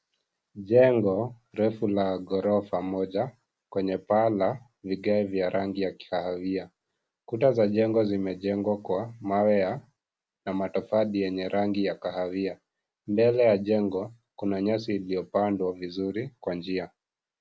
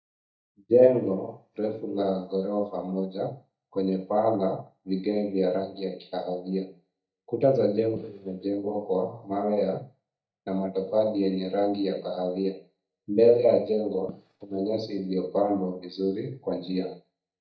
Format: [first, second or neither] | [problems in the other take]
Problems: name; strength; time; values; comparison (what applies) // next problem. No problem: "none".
first | noise reduction (neural mask model DeepFilterNet 3)